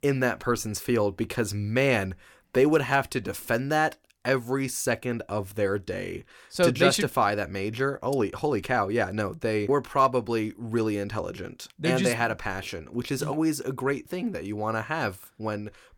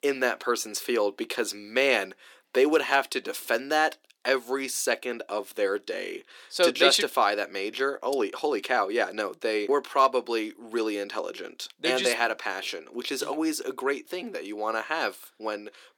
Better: first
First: none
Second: thin; somewhat; fading below 300 Hz

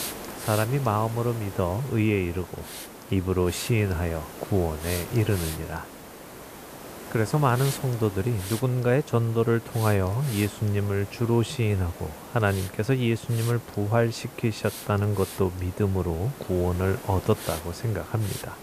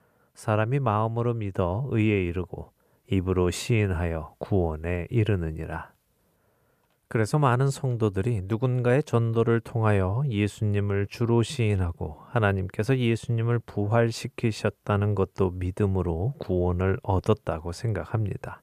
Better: second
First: hiss; noticeable; throughout; 10 dB below the speech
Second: none

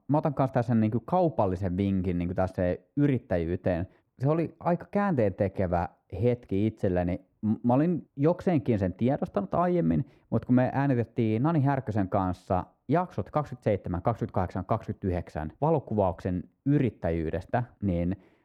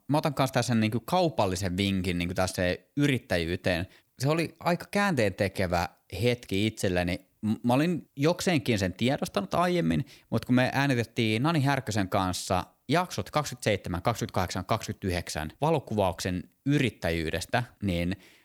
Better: second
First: muffled; very; fading above 2 kHz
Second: none

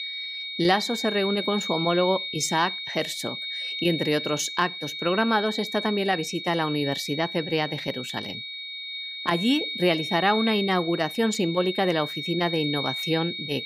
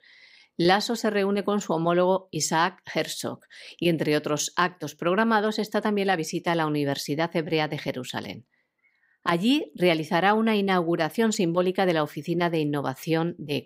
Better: second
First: high-pitched whine; loud; throughout; 3.5 kHz, 5 dB below the speech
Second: none

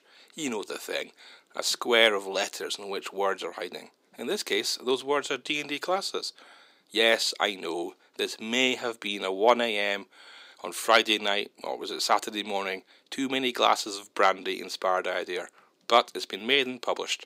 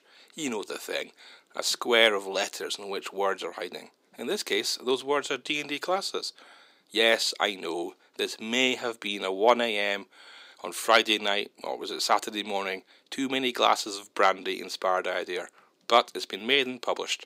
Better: neither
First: thin; somewhat; fading below 300 Hz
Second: thin; somewhat; fading below 300 Hz

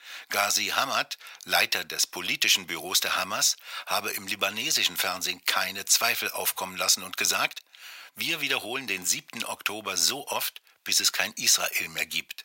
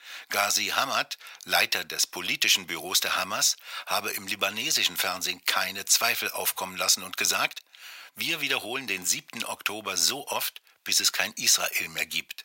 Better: neither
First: thin; very; fading below 800 Hz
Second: thin; very; fading below 800 Hz

